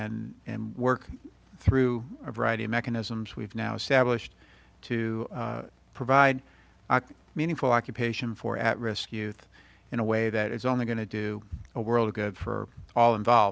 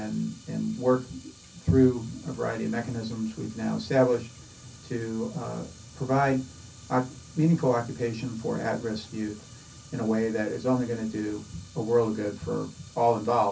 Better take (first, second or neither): first